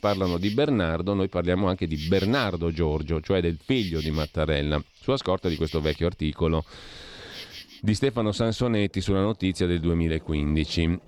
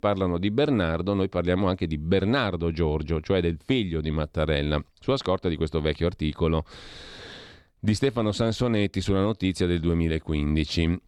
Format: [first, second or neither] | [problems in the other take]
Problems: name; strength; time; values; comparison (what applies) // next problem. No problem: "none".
second | animal sounds; noticeable; throughout; 15 dB below the speech